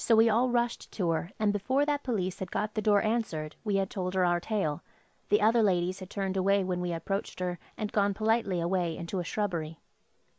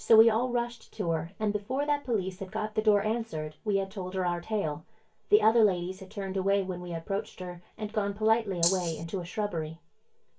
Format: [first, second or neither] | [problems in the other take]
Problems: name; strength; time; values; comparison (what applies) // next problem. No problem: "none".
first | background sound (Rattle (instrument)); 3 dB below the speech // room echo; dies away in 0.2 s